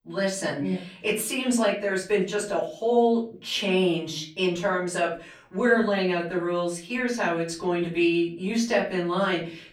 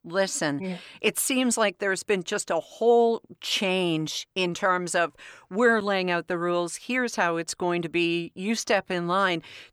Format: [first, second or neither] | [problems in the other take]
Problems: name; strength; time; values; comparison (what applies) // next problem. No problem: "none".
second | room echo; slight; dies away in 0.4 s // off-mic speech; far